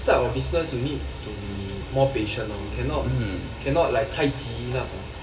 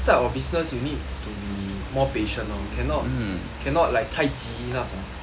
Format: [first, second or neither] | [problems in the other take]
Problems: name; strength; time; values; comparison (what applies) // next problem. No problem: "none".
second | room echo; dies away in 0.8 s